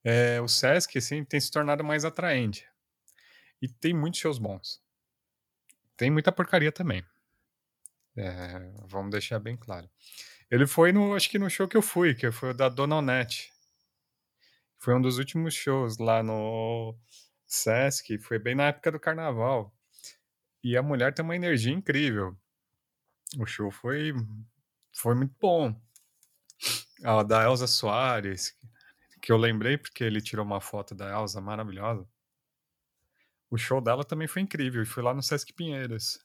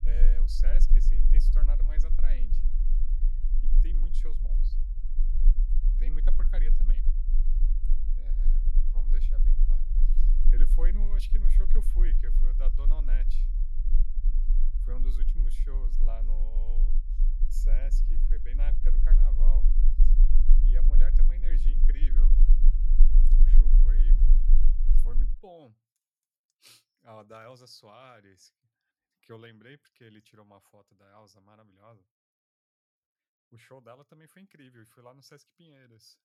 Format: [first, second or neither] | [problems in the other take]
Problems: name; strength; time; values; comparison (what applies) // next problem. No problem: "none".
first | low rumble; loud; until 25 s; 4 dB below the speech